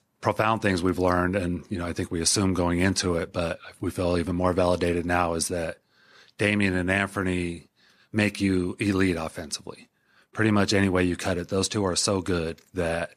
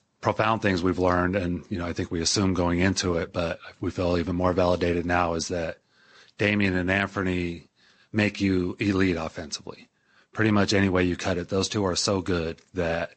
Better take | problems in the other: first | garbled, watery; slightly; nothing above 8 kHz

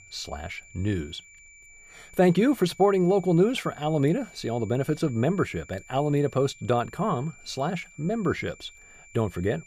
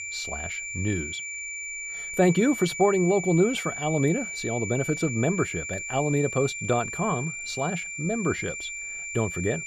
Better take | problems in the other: first | high-pitched whine; loud; throughout; 2.5 kHz, 6 dB below the speech; faint in the first

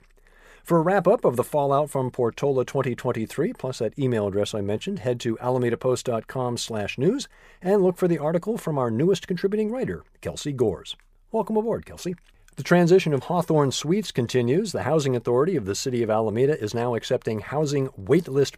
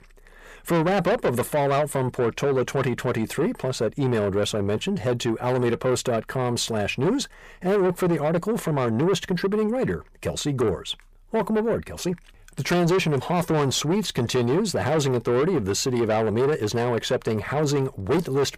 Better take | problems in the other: first | distortion; heavy; 8 dB below the speech

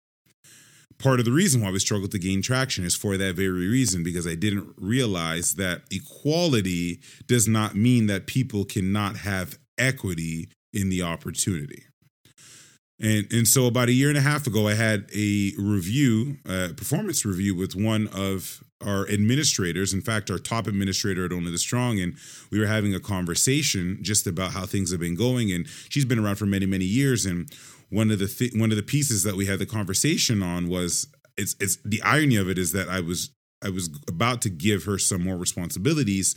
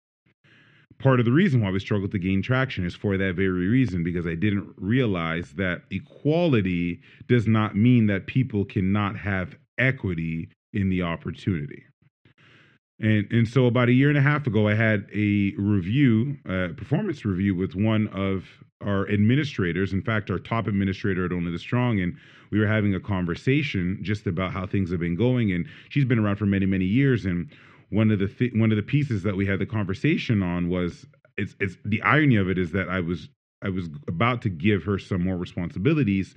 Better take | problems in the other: first | muffled; very; fading above 2.5 kHz

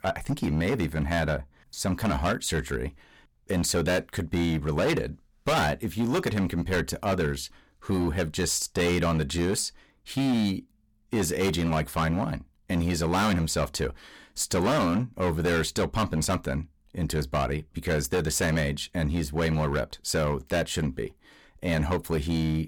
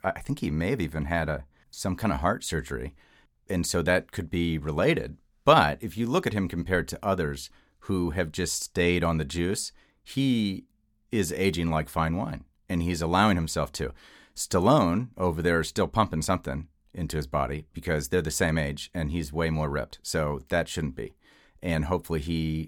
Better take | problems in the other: second | distortion; heavy; 13% of the sound clipped

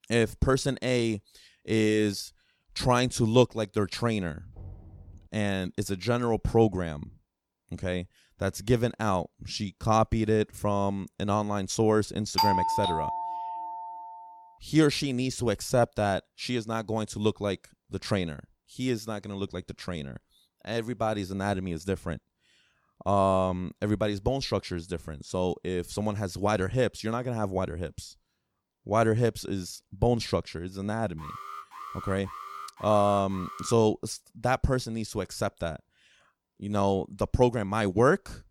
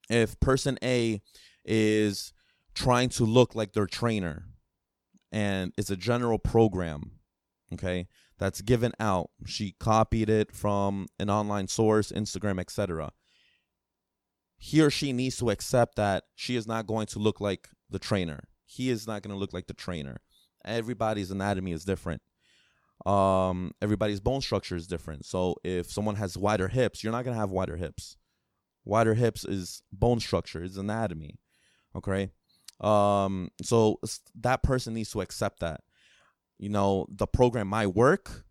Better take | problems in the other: second | door banging; faint; at 4.5 s; peak 20 dB below the speech // doorbell; loud; from 12 to 14 s; peak 4 dB above the speech // alarm; faint; from 31 to 34 s; peak 10 dB below the speech

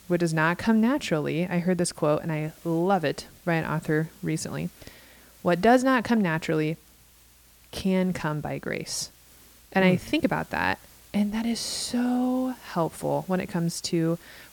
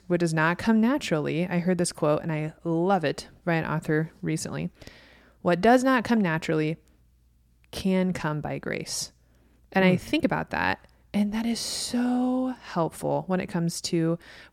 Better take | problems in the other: second | hiss; faint; throughout; 25 dB below the speech

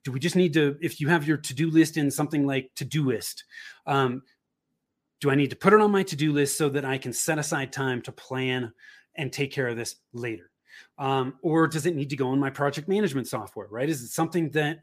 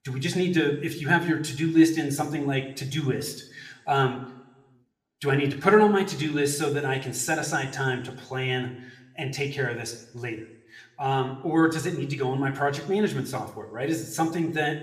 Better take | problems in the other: first | room echo; slight; dies away in 0.7 s

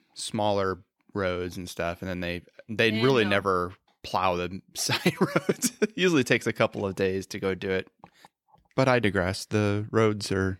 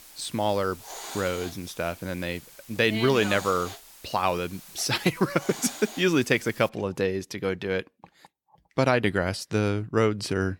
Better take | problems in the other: first | hiss; noticeable; until 6.5 s; 15 dB below the speech

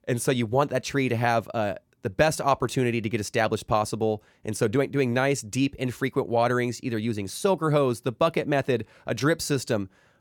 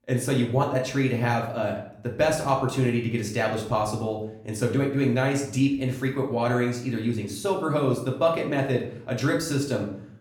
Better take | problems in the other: first | room echo; slight; dies away in 0.5 s // off-mic speech; far

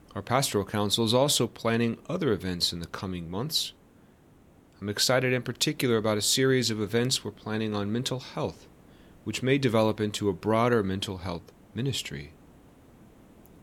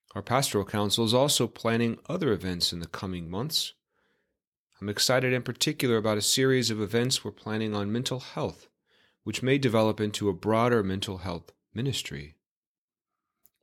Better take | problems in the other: second | hiss; faint; throughout; 30 dB below the speech

